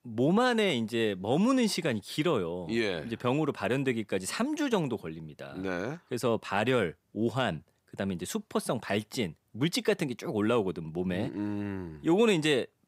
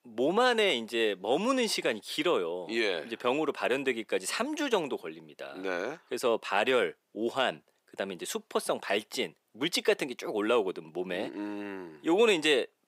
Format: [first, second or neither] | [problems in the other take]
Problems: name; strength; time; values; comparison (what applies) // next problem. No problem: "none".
first | thin; somewhat; fading below 400 Hz